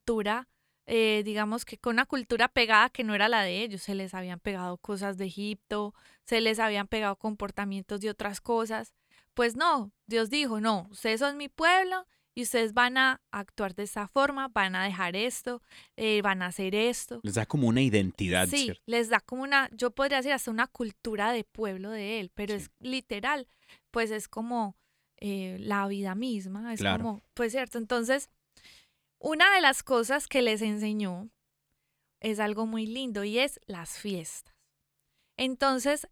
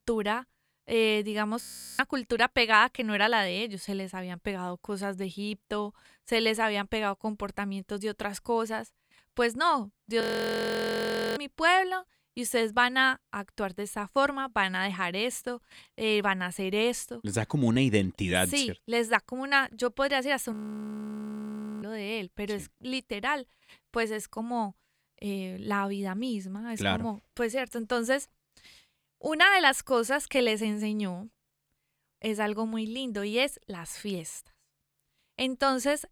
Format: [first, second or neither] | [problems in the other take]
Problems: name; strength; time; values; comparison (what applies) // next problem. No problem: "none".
first | audio freezing; at 1.5 s, at 10 s for 1 s and at 21 s for 1.5 s